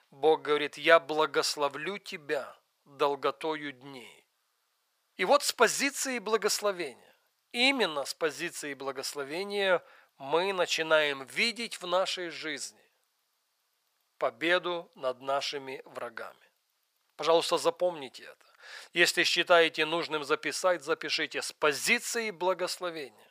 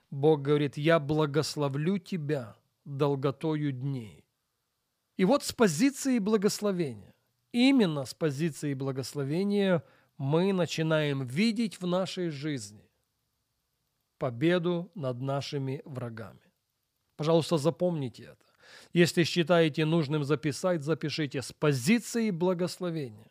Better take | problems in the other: second | thin; very; fading below 700 Hz

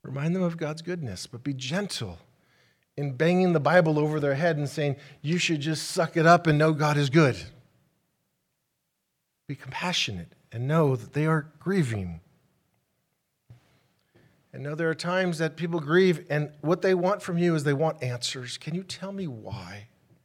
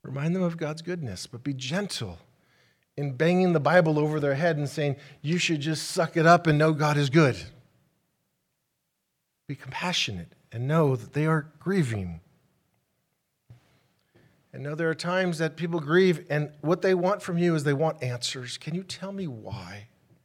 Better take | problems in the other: neither | none

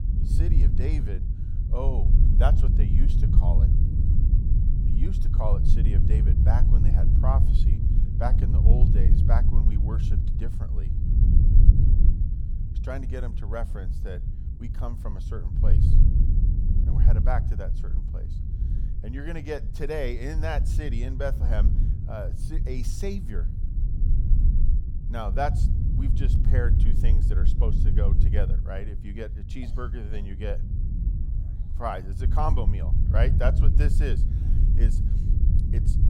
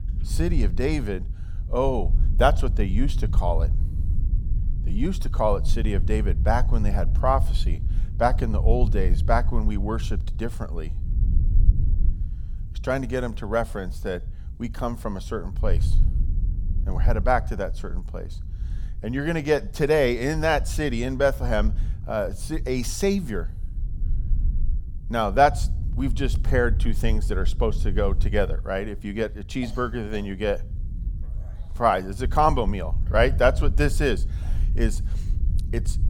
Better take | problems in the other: second | low rumble; loud; throughout; 5 dB below the speech; faint in the second

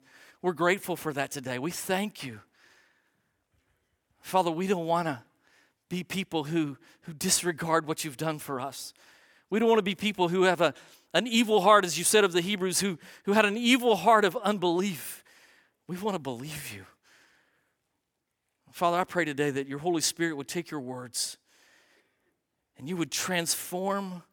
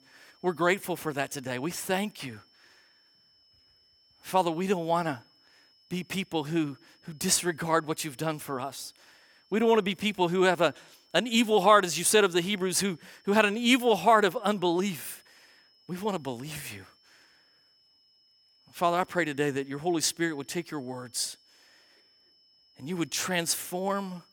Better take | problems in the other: first | high-pitched whine; faint; throughout; 5.5 kHz, 35 dB below the speech

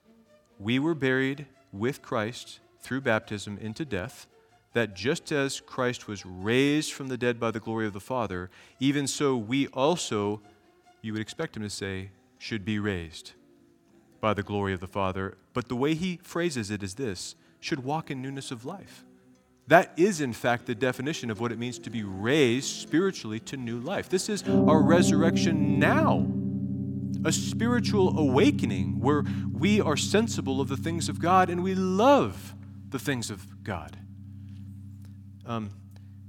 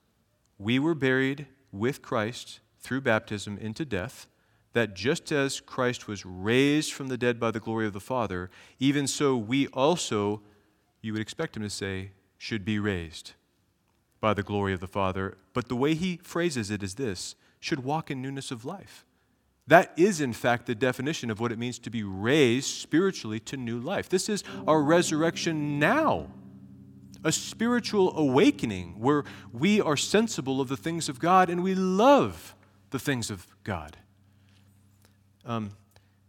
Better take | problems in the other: second | background music; loud; throughout; 1 dB below the speech; faint in the second

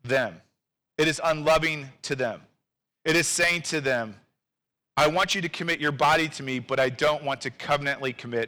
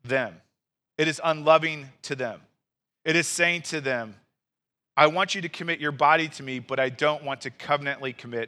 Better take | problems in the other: second | distortion; heavy; 4% of the sound clipped

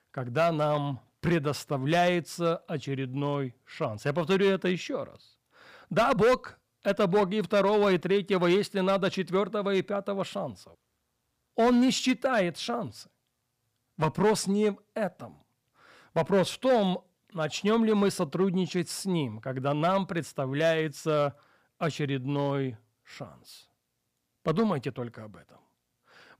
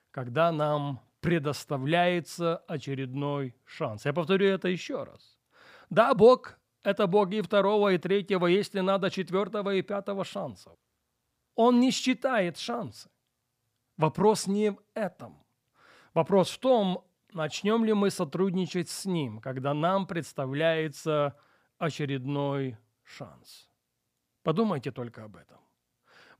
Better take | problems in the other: second | distortion; slight; 3% of the sound clipped

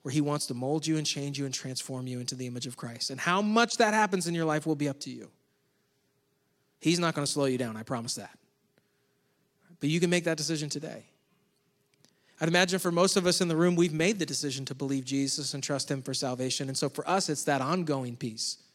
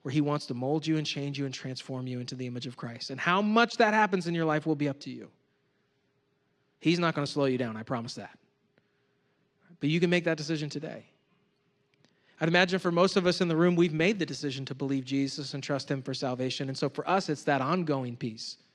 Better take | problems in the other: first | muffled; very slightly; fading above 3 kHz

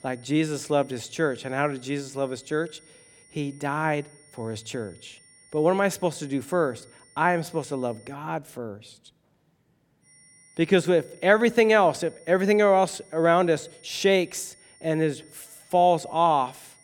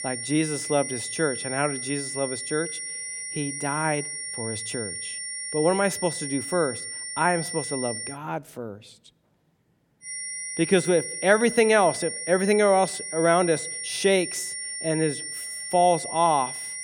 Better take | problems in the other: first | high-pitched whine; loud; until 8 s and from 10 s on; 9.5 kHz, 6 dB below the speech; faint in the first

